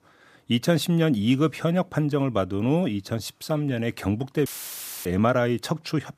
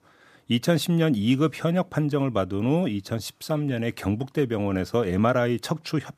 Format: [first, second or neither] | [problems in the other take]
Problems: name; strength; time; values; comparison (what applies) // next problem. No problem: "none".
second | audio cutting out; filled with static; at 4.5 s for 0.5 s